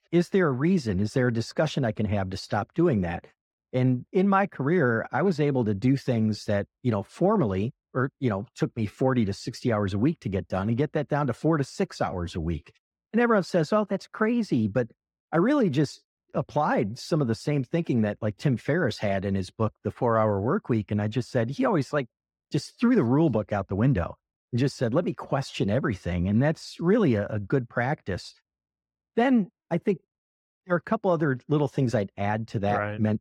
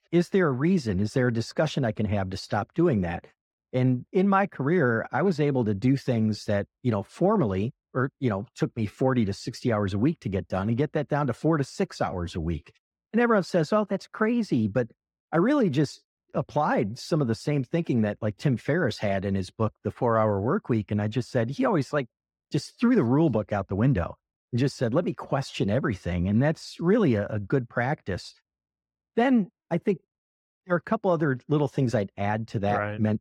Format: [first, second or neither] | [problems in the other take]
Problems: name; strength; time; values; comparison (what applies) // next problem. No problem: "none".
neither | muffled; slightly; fading above 3.5 kHz; the same in both